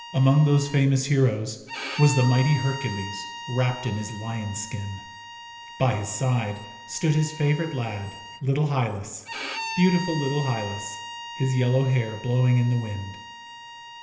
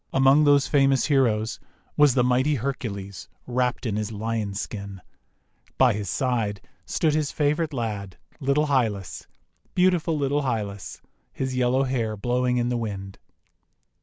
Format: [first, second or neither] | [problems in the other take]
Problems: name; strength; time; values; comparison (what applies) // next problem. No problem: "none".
second | background sound (Bowed string instrument); 13 dB below the speech // room echo; dies away in 1.4 s